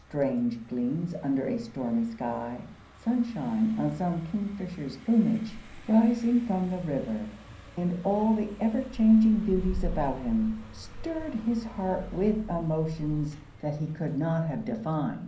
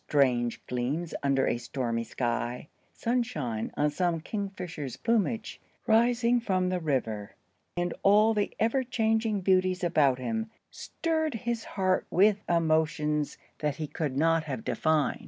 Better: second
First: background sound (Car passing by); 13 dB below the speech // room echo; dies away in 0.6 s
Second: none

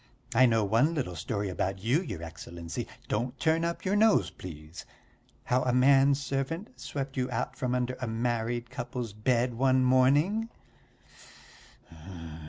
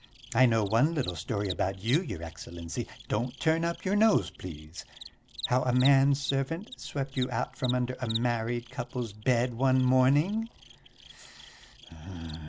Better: first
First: none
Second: background sound (Cricket); 17 dB below the speech

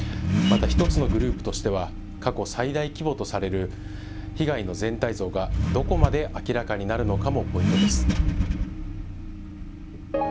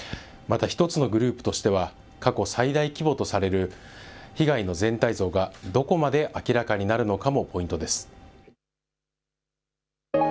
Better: second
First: background sound (Accelerating, revving, vroom); 2 dB above the speech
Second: none

